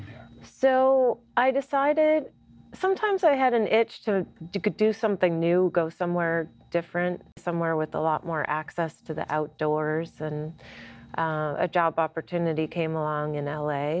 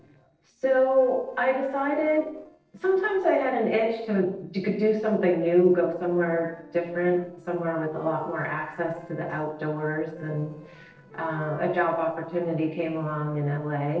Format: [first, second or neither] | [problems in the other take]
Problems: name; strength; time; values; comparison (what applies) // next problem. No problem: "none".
first | noise reduction (neural separator model SepFormer DNS4)